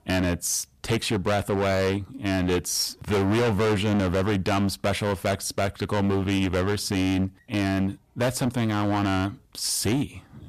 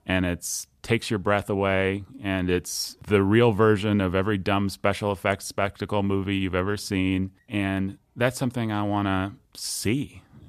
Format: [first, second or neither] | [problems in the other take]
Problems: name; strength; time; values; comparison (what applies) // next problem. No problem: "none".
second | distortion; heavy; 19% of the sound clipped